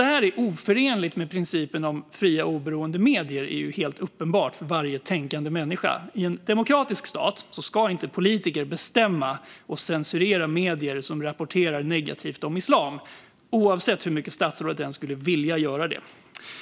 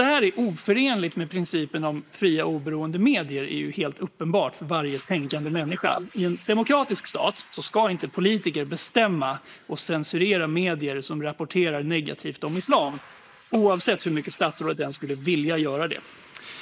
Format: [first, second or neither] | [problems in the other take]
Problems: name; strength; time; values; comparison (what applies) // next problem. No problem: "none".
first | noise reduction (neural mask model Resemble Enhance denoiser)